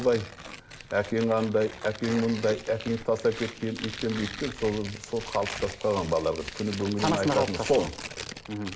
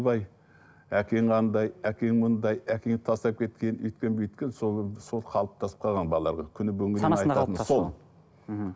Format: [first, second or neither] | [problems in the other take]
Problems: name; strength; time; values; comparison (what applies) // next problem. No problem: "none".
second | background sound (Tearing); 11 dB below the speech // room echo; dies away in 0.4 s